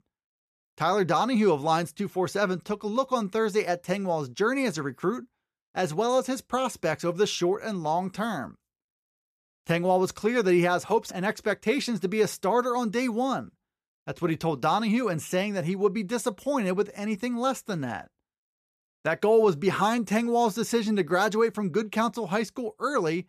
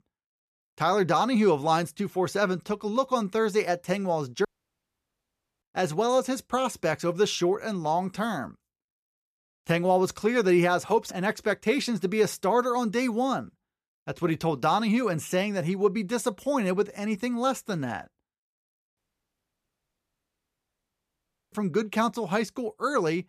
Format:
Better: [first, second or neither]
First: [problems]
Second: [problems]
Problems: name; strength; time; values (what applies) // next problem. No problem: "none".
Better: first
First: none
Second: audio cutting out; at 4.5 s for 1 s and at 19 s for 2.5 s